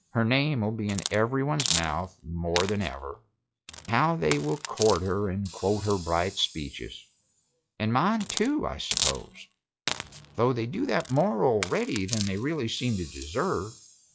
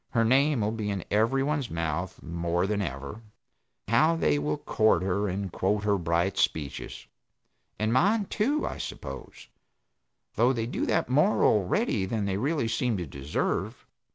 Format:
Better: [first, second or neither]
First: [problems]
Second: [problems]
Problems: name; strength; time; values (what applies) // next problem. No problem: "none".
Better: second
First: noise reduction (classical method log-MMSE)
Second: none